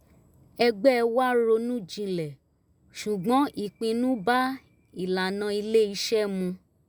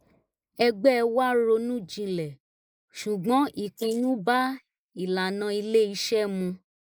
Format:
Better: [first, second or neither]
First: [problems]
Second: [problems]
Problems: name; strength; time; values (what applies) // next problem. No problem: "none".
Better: first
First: none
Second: noise reduction (neural mask model Resemble Enhance denoiser)